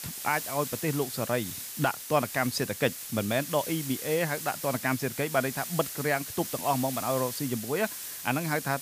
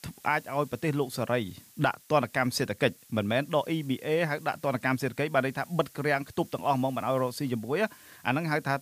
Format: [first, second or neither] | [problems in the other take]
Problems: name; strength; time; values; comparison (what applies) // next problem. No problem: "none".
second | hiss; loud; throughout; 6 dB below the speech; faint in the second